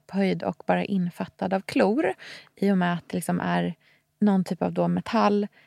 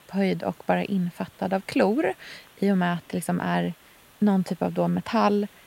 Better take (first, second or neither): first